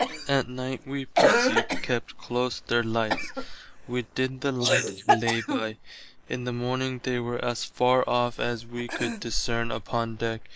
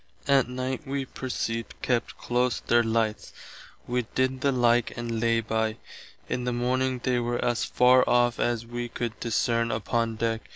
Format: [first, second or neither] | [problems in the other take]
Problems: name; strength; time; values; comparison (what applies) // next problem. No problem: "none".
second | noise reduction (neural mask model Resemble Enhance denoiser)